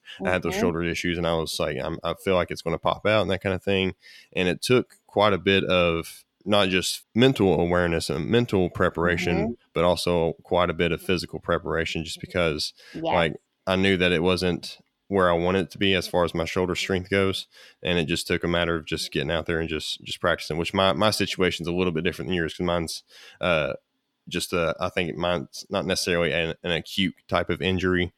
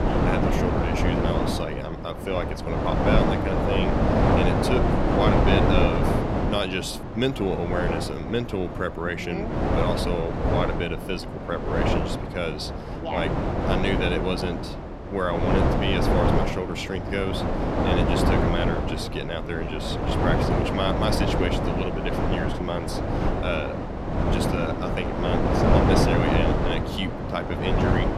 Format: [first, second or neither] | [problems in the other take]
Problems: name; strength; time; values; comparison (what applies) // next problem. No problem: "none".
first | wind noise on the microphone; heavy; 2 dB above the speech